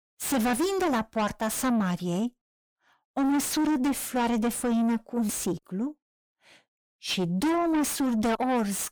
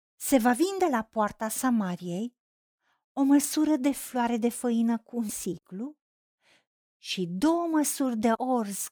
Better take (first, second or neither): second